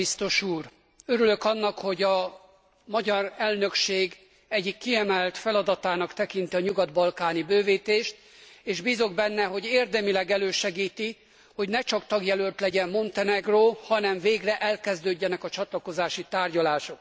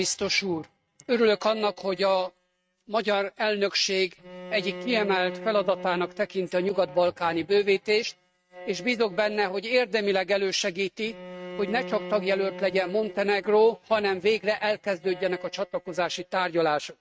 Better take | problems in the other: first | noise reduction (neural mask model RNNoise)

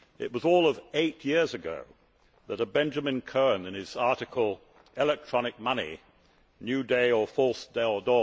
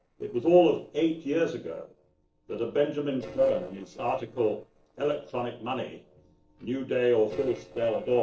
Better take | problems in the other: first | noise reduction (neural separator model SepFormer DNS4)

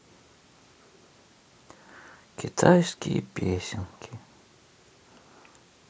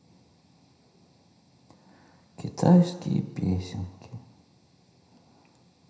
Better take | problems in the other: first | room echo; dies away in 0.9 s

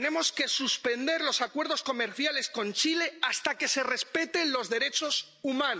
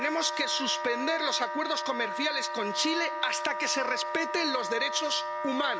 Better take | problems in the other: first | background sound (Wind instrument, woodwind instrument); 3 dB below the speech

